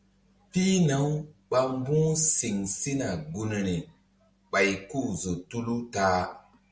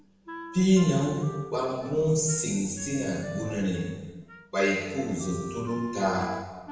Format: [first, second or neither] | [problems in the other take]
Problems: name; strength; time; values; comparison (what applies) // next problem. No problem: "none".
first | background sound (Wind instrument, woodwind instrument); 14 dB below the speech // room echo; dies away in 1.2 s